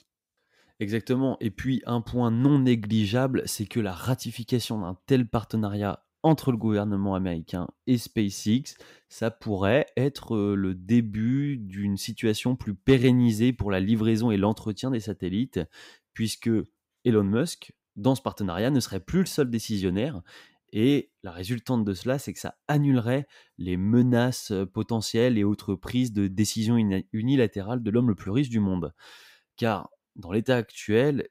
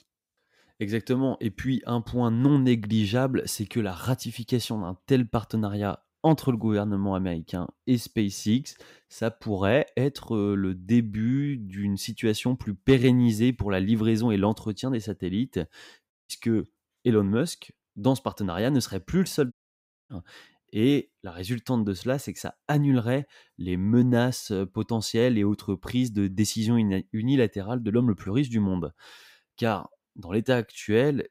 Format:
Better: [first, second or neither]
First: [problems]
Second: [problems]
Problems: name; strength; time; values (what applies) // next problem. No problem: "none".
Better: first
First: none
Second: audio cutting out; at 16 s and at 20 s for 0.5 s